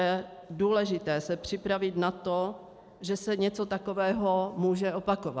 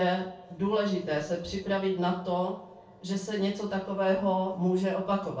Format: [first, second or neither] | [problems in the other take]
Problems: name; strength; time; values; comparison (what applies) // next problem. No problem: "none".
first | room echo; dies away in 0.3 s